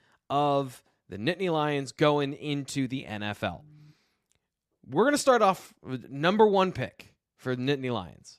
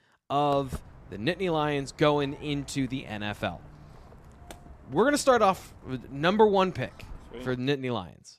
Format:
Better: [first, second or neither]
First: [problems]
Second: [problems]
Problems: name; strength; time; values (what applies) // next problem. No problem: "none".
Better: first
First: none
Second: footsteps; faint; from 0.5 to 7.5 s; peak 15 dB below the speech